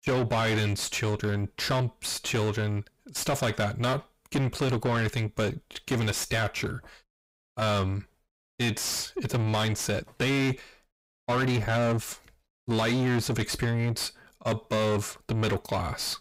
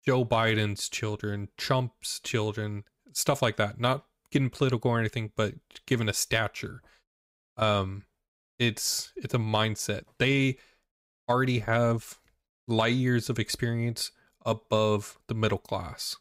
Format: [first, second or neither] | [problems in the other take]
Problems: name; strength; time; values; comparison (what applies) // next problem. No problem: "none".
second | distortion; heavy; 5 dB below the speech